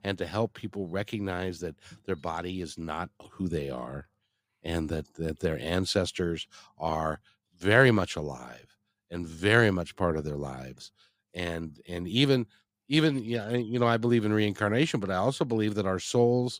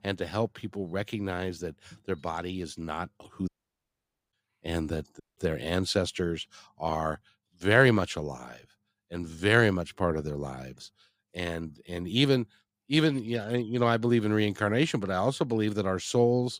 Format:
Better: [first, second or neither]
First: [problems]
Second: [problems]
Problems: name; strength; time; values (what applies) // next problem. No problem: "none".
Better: first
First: none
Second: audio cutting out; at 3.5 s for 1 s and at 5 s